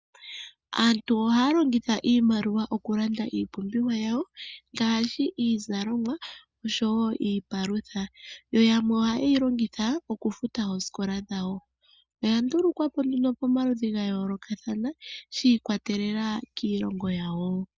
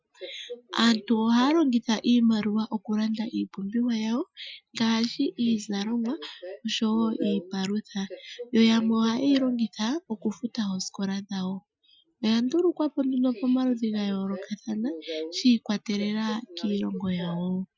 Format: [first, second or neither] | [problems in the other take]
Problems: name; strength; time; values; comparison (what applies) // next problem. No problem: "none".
first | noise reduction (classical method Wiener filter)